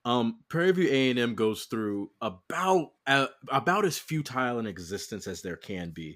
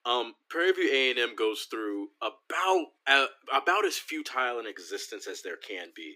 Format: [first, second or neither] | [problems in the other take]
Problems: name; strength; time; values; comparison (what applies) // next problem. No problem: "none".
first | thin; very; fading below 300 Hz